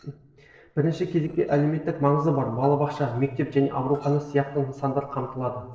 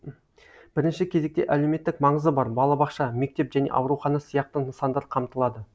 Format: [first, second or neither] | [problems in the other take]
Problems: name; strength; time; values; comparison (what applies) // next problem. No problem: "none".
second | noise reduction (neural separator model SepFormer DNS4)